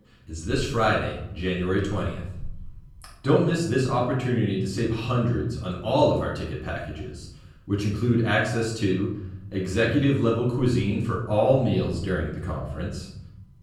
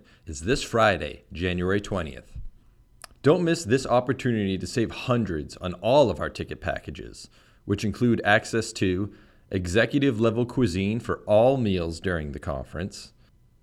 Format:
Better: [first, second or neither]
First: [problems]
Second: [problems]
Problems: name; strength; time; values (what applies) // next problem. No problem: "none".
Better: second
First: off-mic speech; far // room echo; noticeable; dies away in 0.9 s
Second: none